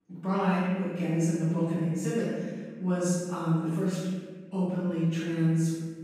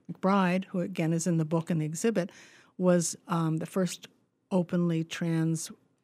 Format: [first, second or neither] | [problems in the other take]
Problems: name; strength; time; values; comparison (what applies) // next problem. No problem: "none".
second | room echo; strong; dies away in 1.4 s // off-mic speech; far